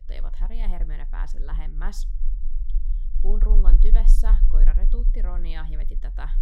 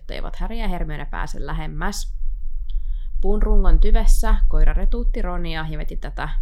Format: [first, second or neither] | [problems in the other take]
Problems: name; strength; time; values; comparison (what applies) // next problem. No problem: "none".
second | low rumble; loud; throughout; 9 dB below the speech; faint in the second